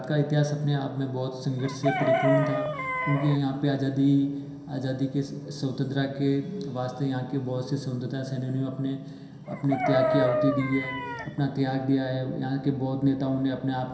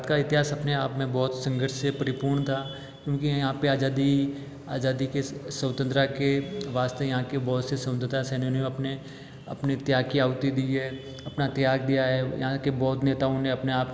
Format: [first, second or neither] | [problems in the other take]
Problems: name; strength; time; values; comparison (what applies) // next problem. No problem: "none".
second | background sound (Chicken, rooster); 6 dB below the speech // room echo; dies away in 0.7 s